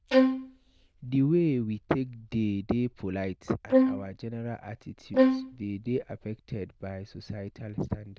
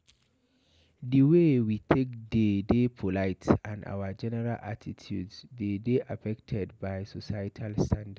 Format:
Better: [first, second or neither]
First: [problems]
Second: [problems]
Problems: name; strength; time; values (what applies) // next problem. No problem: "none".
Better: second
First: noise reduction (neural diffusion model UNIVERSE++)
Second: none